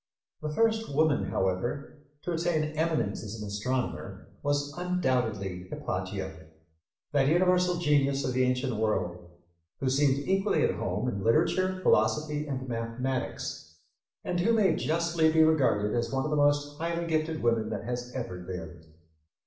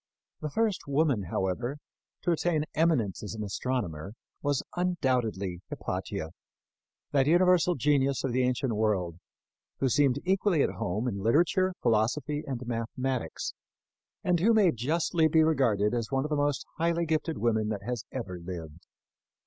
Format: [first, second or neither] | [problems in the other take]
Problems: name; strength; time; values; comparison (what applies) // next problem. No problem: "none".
second | room echo; dies away in 0.6 s